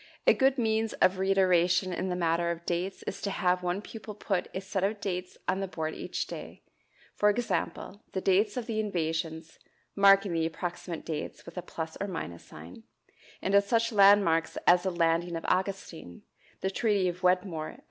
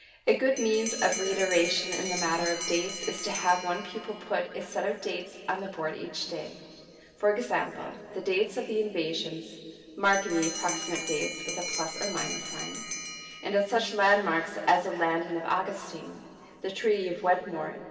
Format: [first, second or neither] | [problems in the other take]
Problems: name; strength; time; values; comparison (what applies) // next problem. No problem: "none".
first | background sound (Bell); 10 dB below the speech // room echo; dies away in 2.9 s